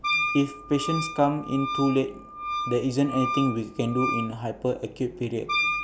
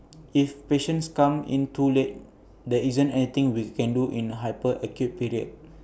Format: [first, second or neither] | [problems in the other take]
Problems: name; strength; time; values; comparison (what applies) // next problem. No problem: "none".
second | background sound (Wind instrument, woodwind instrument); 4 dB below the speech